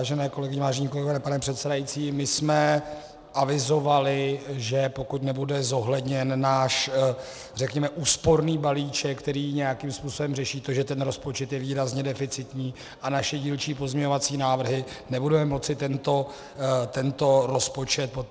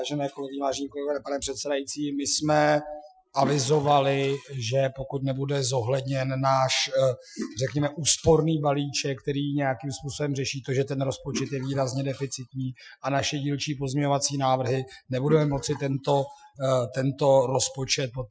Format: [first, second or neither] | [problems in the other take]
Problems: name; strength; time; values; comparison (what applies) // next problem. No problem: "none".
first | noise reduction (classical method Wiener filter)